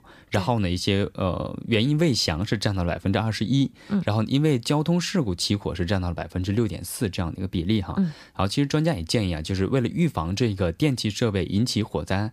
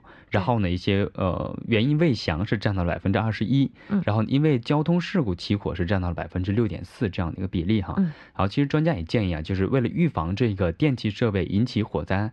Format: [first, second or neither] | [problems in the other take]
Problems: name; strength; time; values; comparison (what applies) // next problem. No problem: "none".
first | muffled; slightly; fading above 2.5 kHz